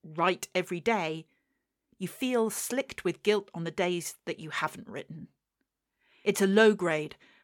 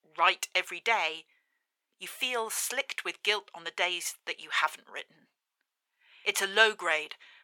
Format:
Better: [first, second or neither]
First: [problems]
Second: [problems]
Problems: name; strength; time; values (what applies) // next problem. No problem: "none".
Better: first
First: none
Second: thin; very; fading below 900 Hz